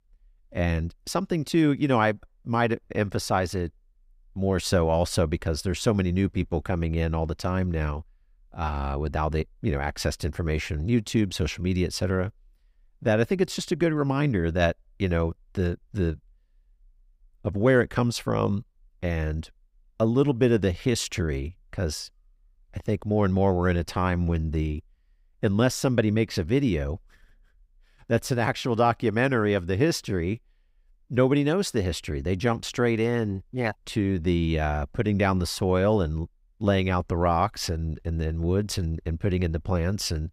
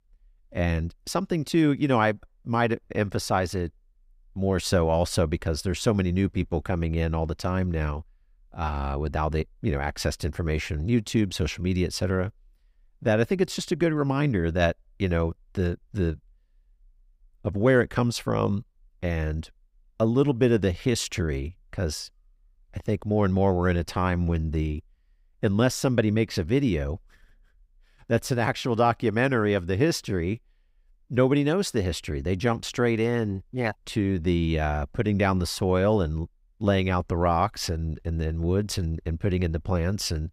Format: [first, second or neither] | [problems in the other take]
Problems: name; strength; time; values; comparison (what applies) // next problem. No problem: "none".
neither | none